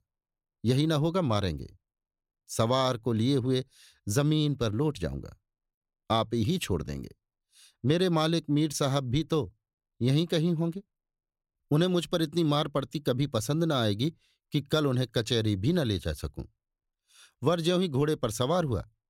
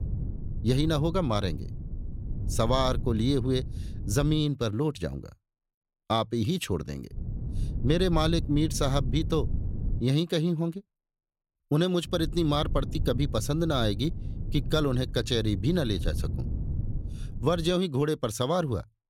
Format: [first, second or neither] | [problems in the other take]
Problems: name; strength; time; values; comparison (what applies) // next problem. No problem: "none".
first | low rumble; noticeable; until 4.5 s, from 7 to 10 s and from 12 to 18 s; 20 dB below the speech